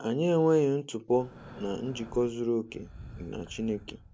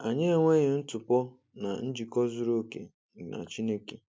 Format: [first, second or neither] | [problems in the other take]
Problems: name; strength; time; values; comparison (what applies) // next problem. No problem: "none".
second | background sound (Breathing); 19 dB below the speech